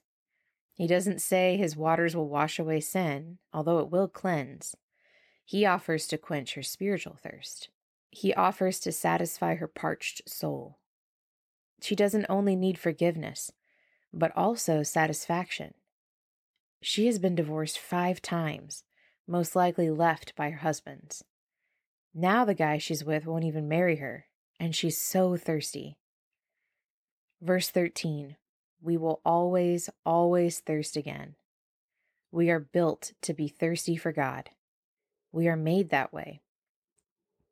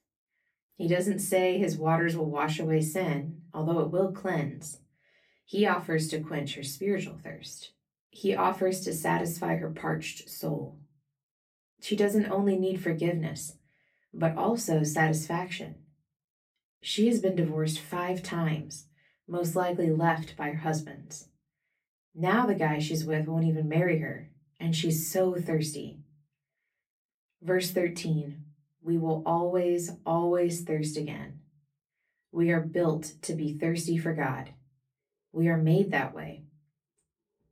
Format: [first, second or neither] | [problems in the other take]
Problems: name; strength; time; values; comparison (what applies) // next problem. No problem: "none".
first | off-mic speech; far // room echo; very slight; dies away in 0.3 s